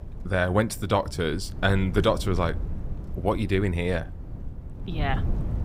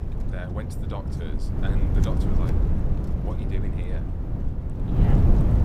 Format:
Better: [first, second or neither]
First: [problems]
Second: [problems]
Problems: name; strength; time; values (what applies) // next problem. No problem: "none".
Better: first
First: wind noise on the microphone; occasional gusts; 20 dB below the speech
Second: wind noise on the microphone; heavy; 4 dB above the speech